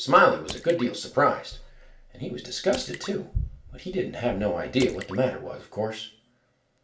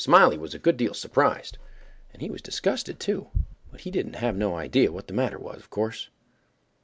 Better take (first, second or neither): second